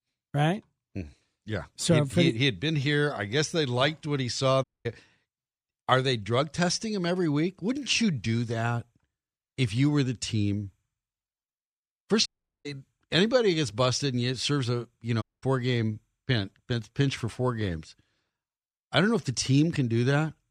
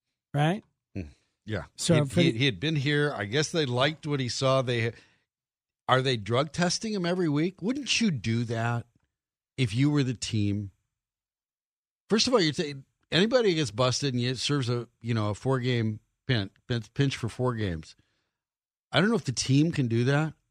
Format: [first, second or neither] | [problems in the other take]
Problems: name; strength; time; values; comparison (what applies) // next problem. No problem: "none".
second | audio cutting out; at 4.5 s, at 12 s and at 15 s